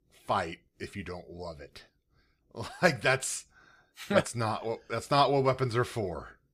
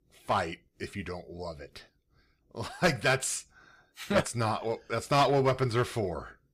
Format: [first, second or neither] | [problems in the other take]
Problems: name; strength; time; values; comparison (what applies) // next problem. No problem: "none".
first | distortion; slight; 2% of the sound clipped